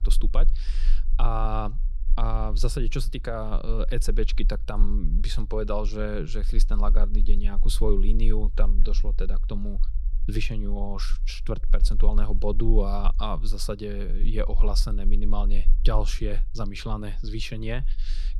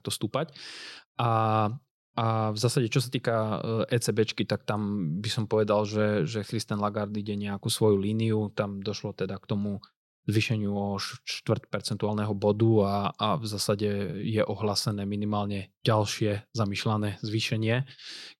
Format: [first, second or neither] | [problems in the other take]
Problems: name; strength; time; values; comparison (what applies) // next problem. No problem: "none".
second | low rumble; faint; throughout; 20 dB below the speech